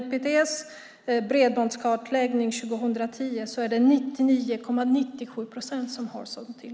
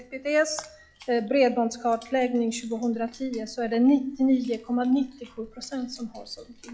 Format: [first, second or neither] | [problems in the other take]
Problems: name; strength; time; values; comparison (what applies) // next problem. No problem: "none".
first | noise reduction (classical method log-MMSE)